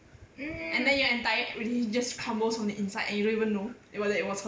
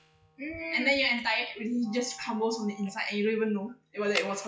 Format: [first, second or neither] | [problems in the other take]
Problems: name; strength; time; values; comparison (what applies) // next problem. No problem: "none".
first | noise reduction (classical method log-MMSE)